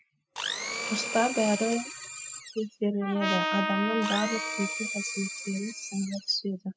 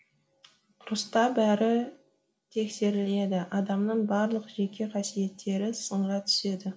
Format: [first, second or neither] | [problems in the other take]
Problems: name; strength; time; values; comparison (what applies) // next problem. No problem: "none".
second | noise reduction (classical method spectral subtraction)